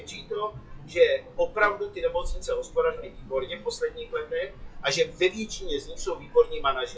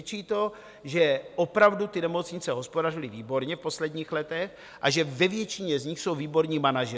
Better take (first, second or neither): second